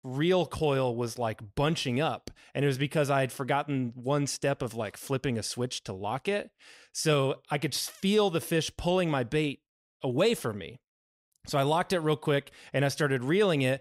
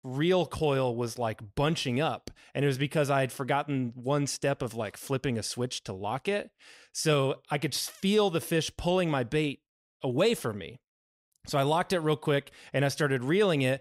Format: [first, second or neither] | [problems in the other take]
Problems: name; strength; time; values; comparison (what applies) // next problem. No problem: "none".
neither | none